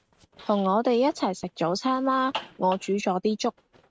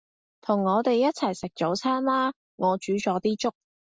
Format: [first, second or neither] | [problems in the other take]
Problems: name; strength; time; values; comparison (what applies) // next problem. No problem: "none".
second | noise reduction (neural mask model RNNoise)